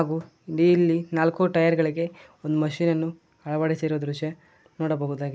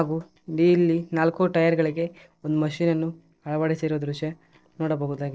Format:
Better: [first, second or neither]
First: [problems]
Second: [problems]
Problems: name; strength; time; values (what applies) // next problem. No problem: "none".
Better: first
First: none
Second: noise reduction (neural separator model SepFormer DNS4)